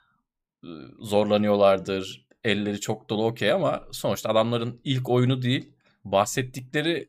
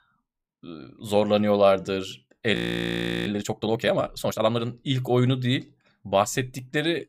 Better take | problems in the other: first | audio freezing; at 2.5 s for 0.5 s

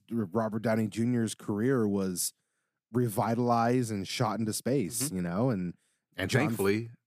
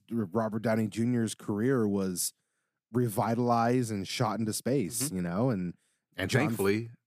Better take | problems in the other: neither | none

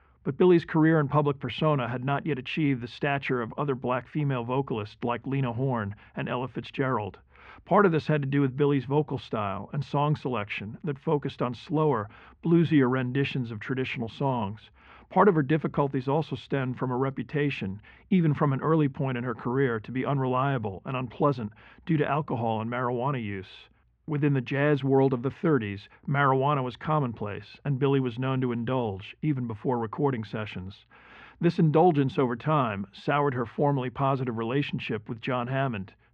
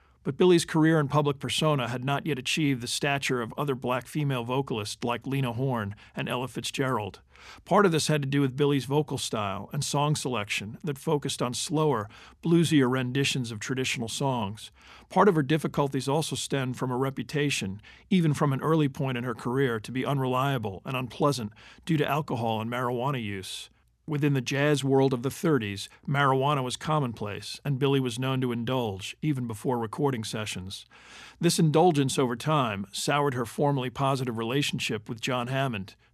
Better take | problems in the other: second | muffled; very; fading above 2.5 kHz

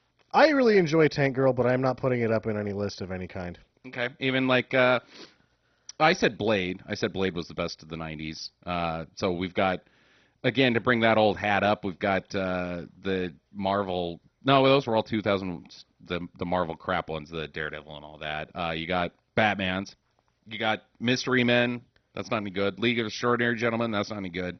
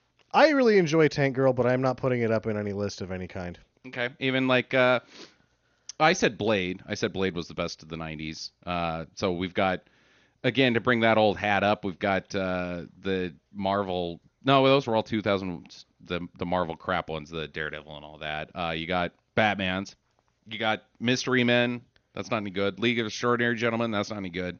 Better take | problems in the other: second | garbled, watery; badly; nothing above 6 kHz; slightly in the second

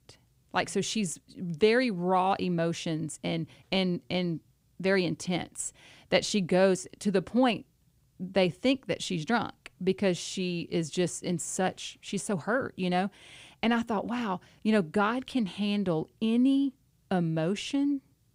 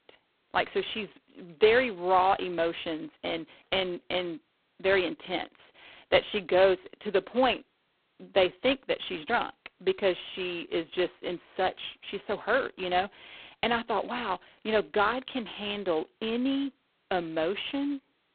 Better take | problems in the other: first | phone-call audio; poor line; nothing above 3.5 kHz

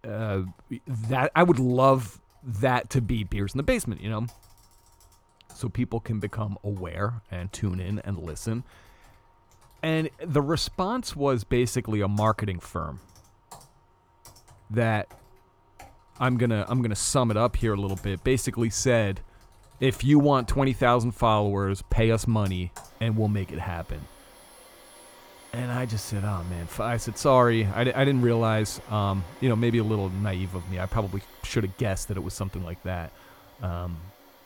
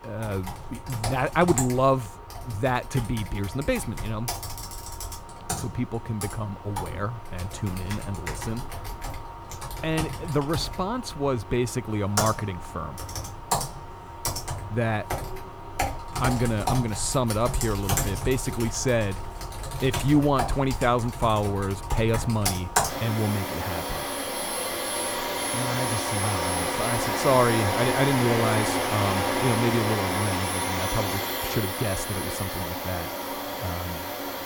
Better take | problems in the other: first | household noises; loud; throughout; 2 dB below the speech; faint in the first

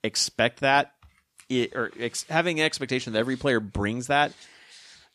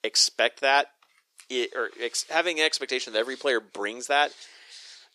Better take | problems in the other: first | thin; somewhat; fading below 400 Hz

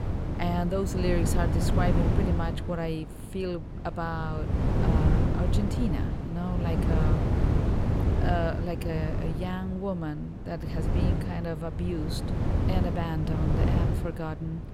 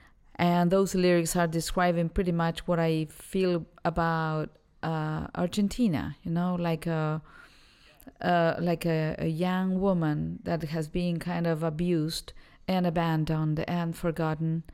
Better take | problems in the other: second | wind noise on the microphone; heavy; 1 dB below the speech

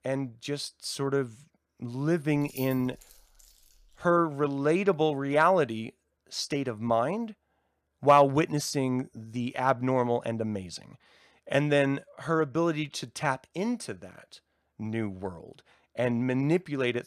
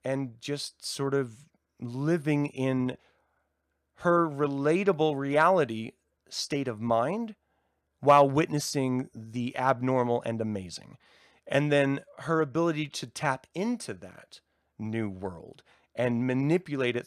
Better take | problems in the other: second | jangling keys; faint; from 2.5 to 4 s; peak 15 dB below the speech

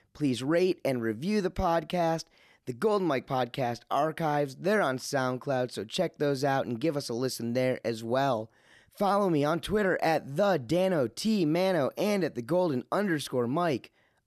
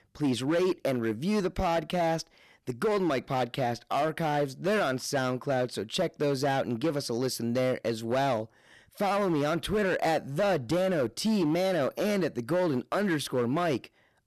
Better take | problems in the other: first | distortion; slight; 12% of the sound clipped

